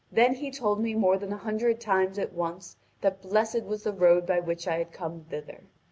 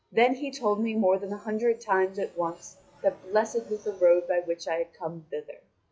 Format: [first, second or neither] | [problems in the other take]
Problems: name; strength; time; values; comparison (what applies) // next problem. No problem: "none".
first | noise reduction (classical method log-MMSE)